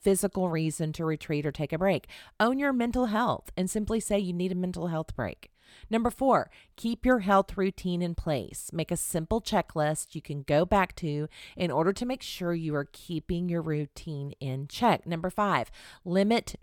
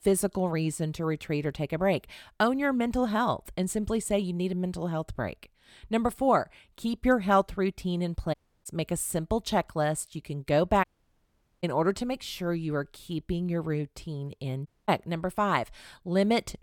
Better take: first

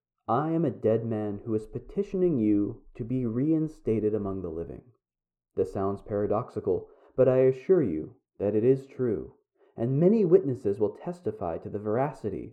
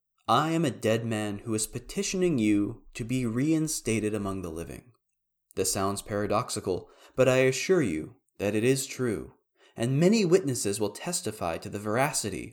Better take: second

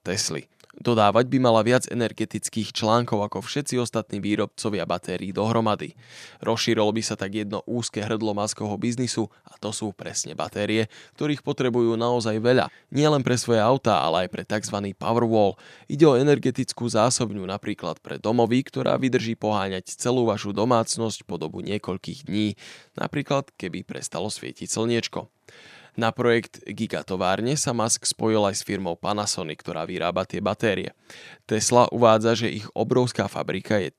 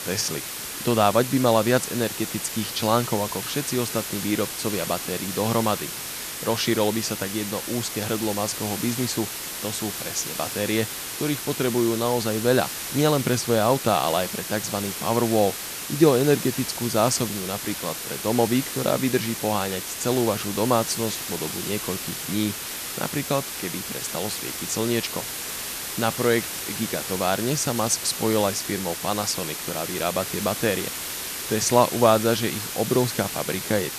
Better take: first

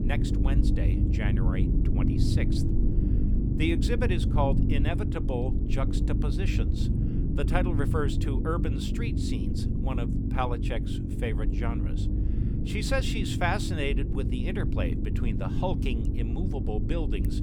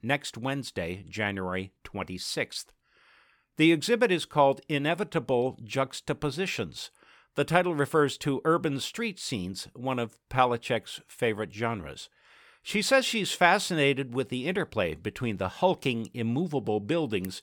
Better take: second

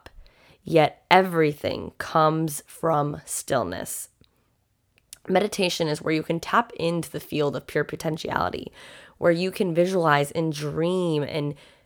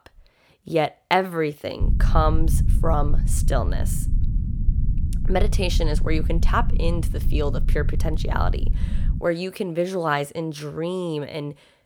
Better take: first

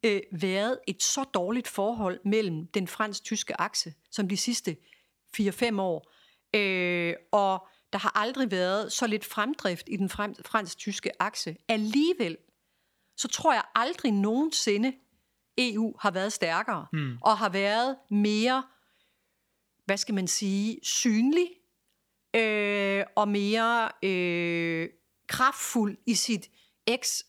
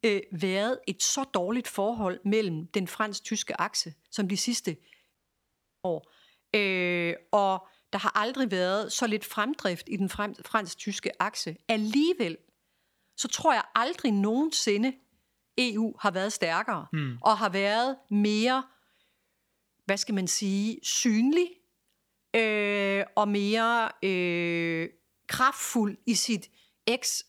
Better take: first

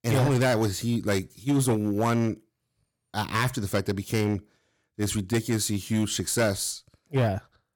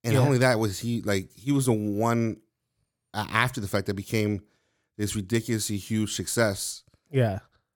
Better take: second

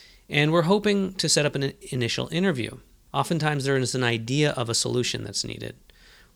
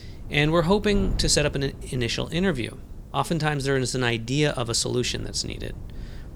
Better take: first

